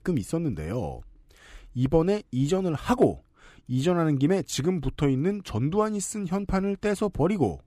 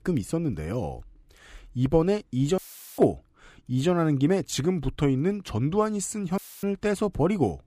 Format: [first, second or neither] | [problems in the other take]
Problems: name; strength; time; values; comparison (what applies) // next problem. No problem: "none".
first | audio cutting out; filled with static; at 2.5 s and at 6.5 s